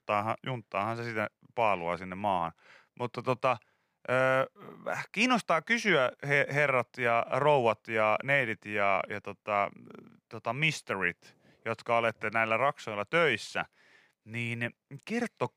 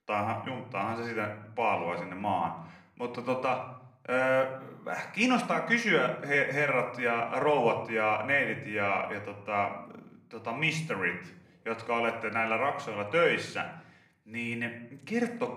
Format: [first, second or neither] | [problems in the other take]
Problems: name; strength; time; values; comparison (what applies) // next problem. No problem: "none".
first | room echo; slight; dies away in 0.6 s // off-mic speech; somewhat distant